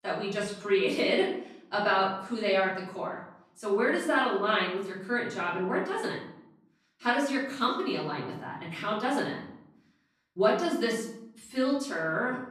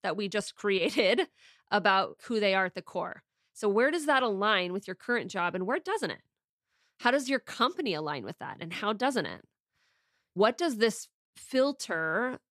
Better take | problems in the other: second | off-mic speech; far // room echo; noticeable; dies away in 0.6 s

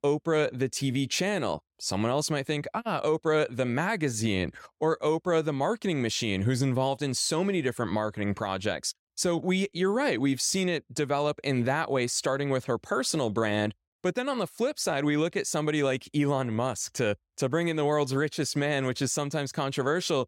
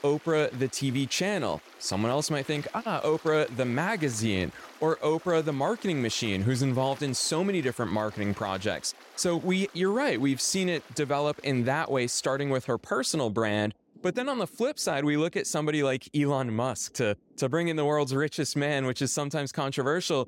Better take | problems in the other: first | rain or running water; faint; throughout; 20 dB below the speech

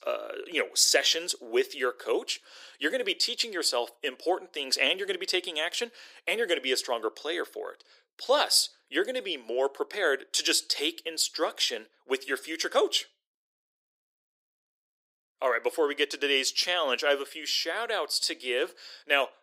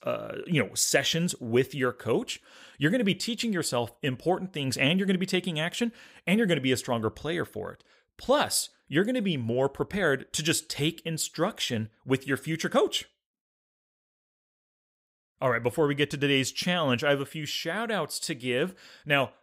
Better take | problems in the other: second | thin; very; fading below 350 Hz

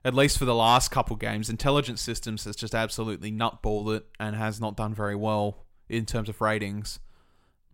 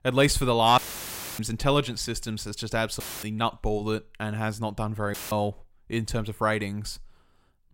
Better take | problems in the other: first | audio cutting out; filled with static; at 1 s for 0.5 s, at 3 s and at 5 s

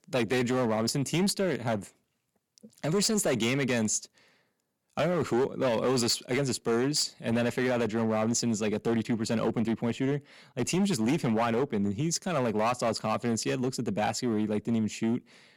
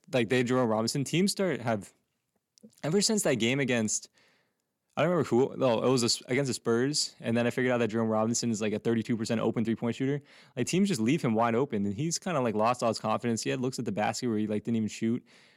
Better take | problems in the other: second | distortion; slight; 10% of the sound clipped

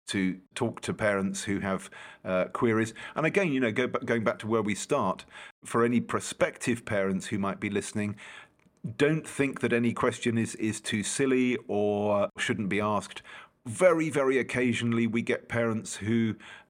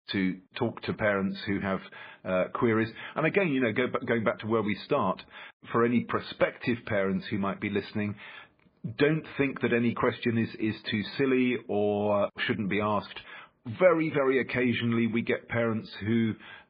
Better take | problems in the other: first | garbled, watery; badly; nothing above 4.5 kHz

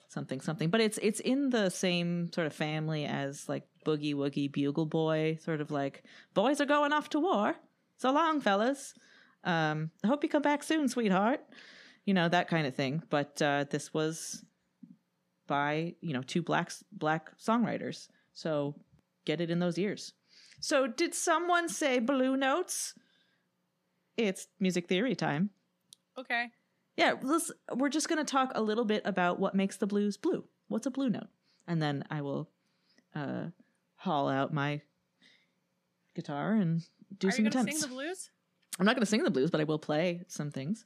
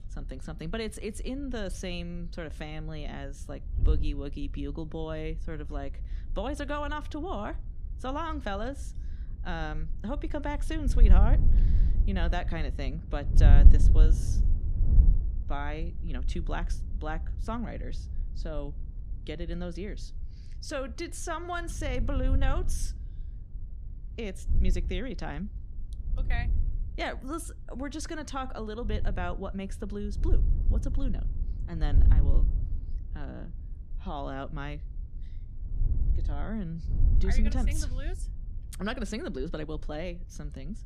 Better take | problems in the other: first | wind noise on the microphone; occasional gusts; 10 dB below the speech

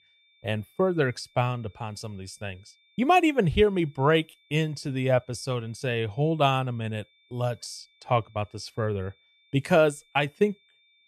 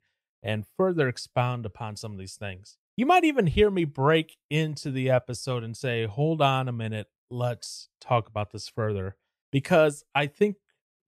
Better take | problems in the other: second | high-pitched whine; faint; throughout; 3.5 kHz, 35 dB below the speech

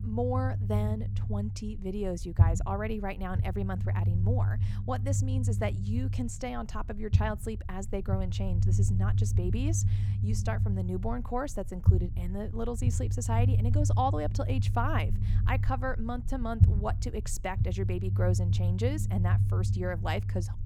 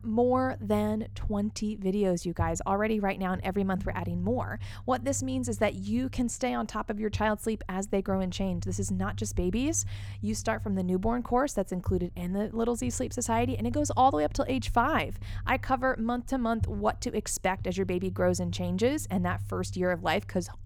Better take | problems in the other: second | low rumble; loud; throughout; 8 dB below the speech; faint in the second

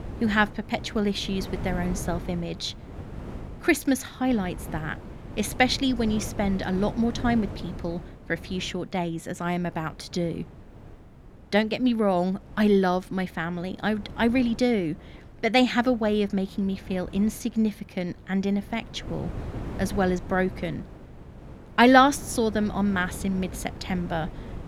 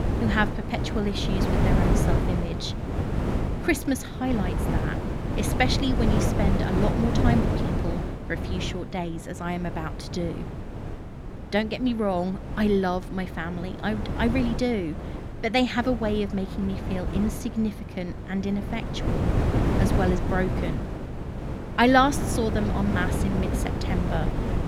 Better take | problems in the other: first | wind noise on the microphone; heavy; 5 dB below the speech; occasional gusts in the first

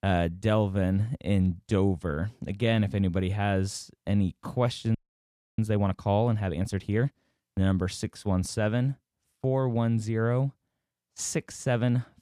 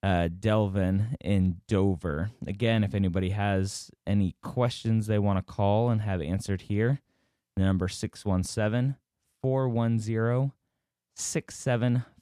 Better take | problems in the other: second | audio freezing; at 5 s for 0.5 s

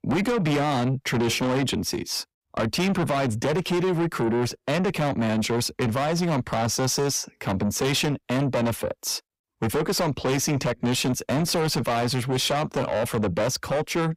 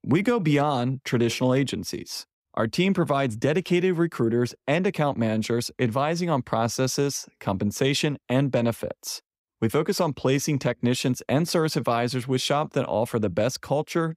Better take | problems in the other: second | distortion; heavy; 6 dB below the speech

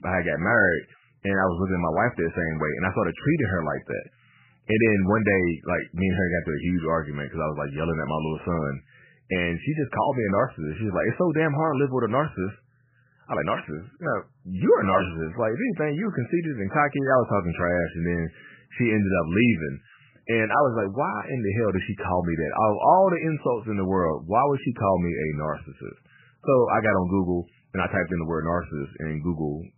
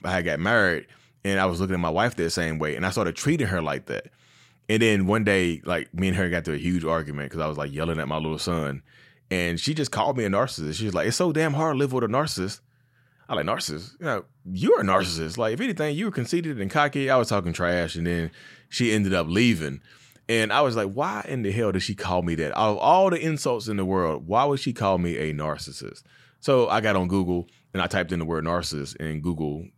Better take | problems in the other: second | garbled, watery; badly; nothing above 3 kHz

